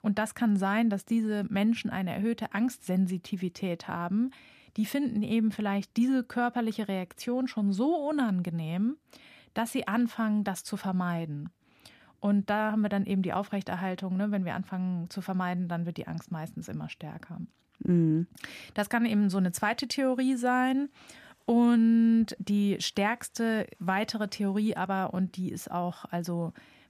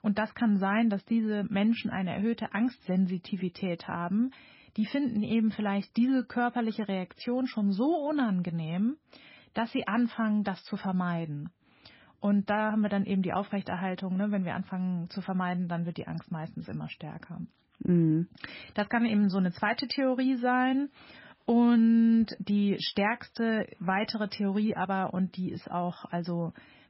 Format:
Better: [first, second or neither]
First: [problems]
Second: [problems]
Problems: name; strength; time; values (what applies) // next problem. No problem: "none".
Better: first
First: none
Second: garbled, watery; badly; nothing above 5.5 kHz